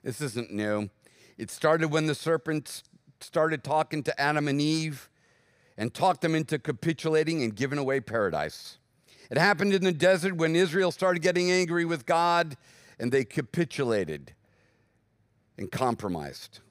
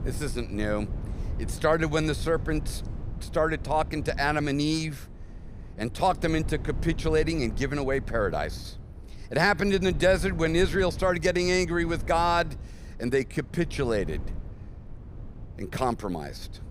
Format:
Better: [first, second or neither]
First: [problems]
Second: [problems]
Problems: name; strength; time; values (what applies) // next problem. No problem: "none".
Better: first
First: none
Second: wind noise on the microphone; occasional gusts; 20 dB below the speech